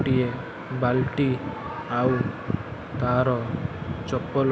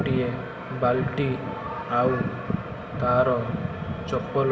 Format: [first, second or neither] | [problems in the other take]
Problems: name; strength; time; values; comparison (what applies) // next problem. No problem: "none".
first | room echo; dies away in 2.9 s